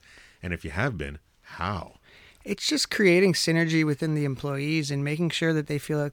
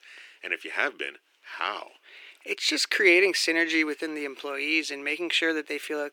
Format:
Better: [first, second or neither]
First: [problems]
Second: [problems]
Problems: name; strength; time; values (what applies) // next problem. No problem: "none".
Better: first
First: none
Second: thin; very; fading below 300 Hz